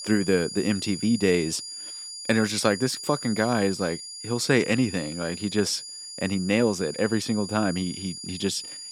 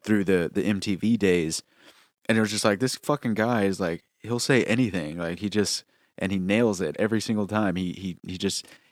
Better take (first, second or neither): second